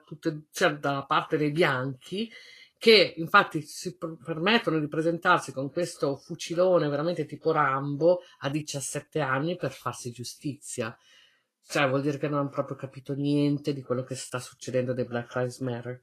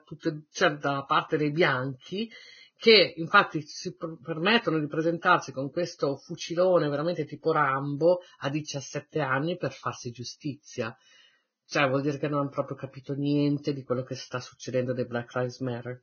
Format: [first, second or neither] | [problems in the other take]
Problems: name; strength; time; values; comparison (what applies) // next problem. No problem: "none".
first | garbled, watery; badly; nothing above 6.5 kHz; slightly in the first